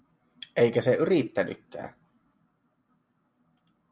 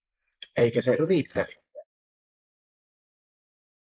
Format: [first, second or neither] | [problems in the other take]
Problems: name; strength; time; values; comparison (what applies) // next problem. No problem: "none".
first | noise reduction (neural mask model Resemble Enhance denoiser)